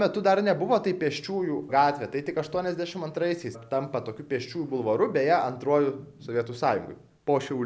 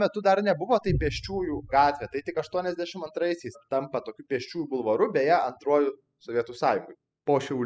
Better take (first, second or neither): first